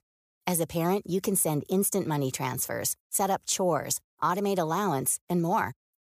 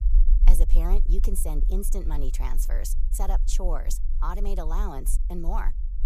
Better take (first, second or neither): first